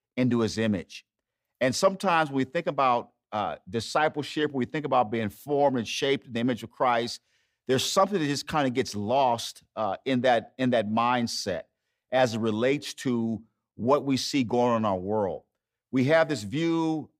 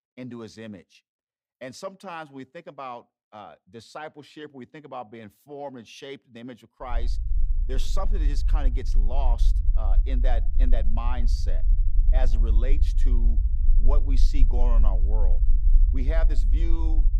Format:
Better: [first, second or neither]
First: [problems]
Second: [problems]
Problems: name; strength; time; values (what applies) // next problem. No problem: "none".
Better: first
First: none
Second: low rumble; noticeable; from 7 s on; 10 dB below the speech